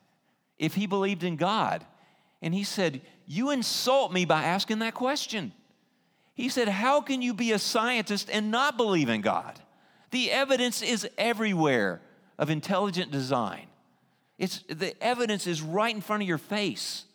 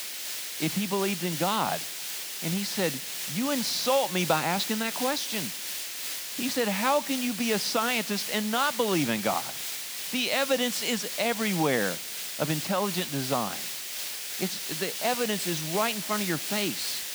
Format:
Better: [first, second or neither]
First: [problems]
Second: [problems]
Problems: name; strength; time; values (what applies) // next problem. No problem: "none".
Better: first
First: none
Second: hiss; loud; throughout; 3 dB below the speech